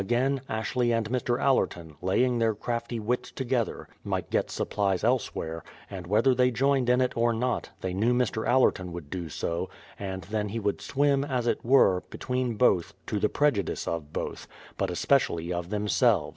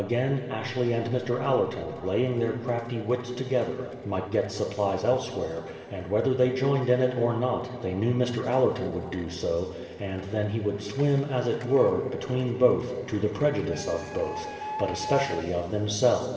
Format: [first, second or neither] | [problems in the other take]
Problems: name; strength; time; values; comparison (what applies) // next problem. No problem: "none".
first | background sound (Printer); 17 dB below the speech // room echo; dies away in 2.2 s